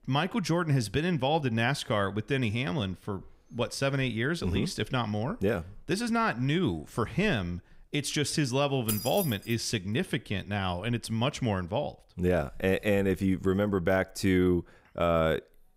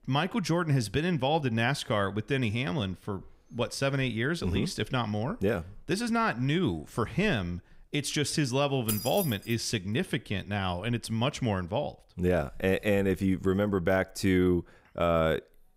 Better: neither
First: jangling keys; noticeable; at 9 s; peak 4 dB below the speech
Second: jangling keys; noticeable; at 9 s; peak 4 dB below the speech

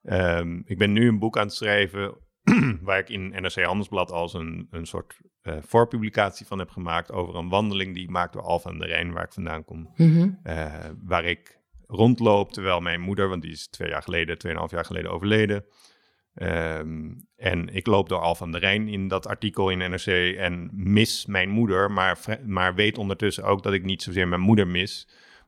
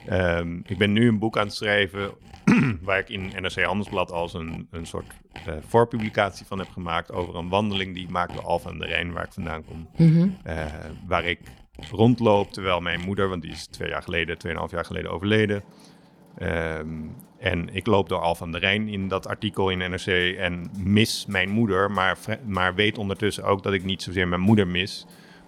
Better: first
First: none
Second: machinery noise; faint; throughout; 25 dB below the speech

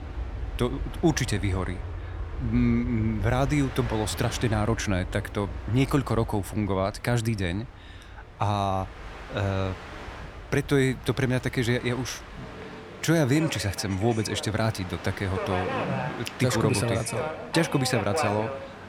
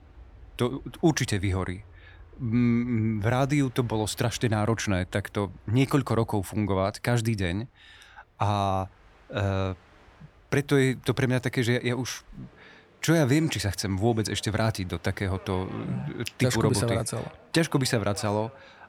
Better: second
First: train or aircraft noise; loud; throughout; 9 dB below the speech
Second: train or aircraft noise; faint; throughout; 25 dB below the speech

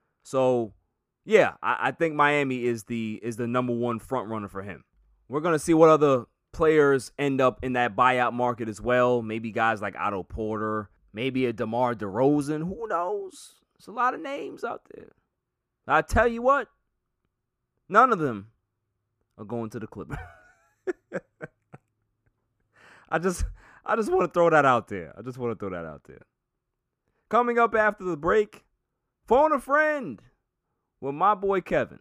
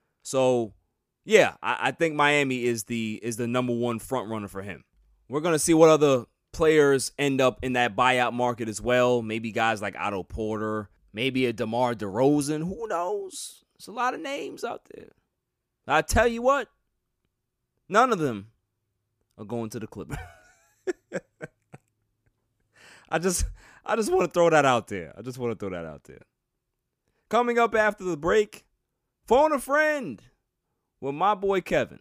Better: second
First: muffled; slightly; fading above 2.5 kHz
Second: none

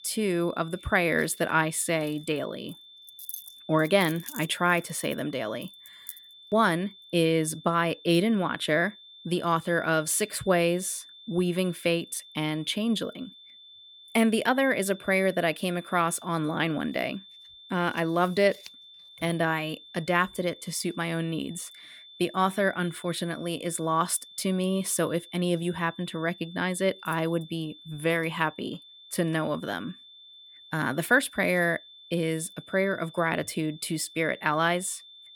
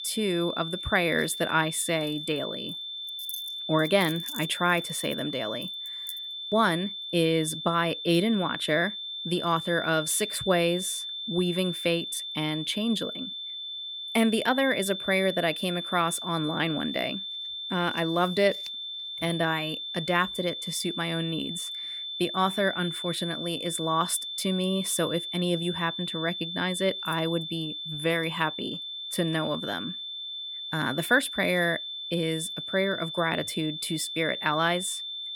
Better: first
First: high-pitched whine; faint; throughout; 3.5 kHz, 20 dB below the speech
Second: high-pitched whine; loud; throughout; 3.5 kHz, 6 dB below the speech

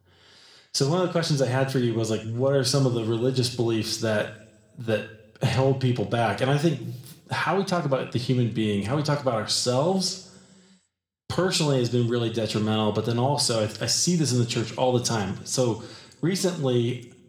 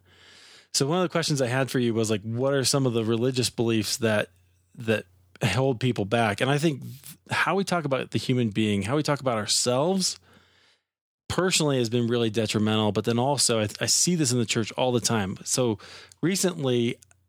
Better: second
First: room echo; slight; dies away in 0.5 s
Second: none

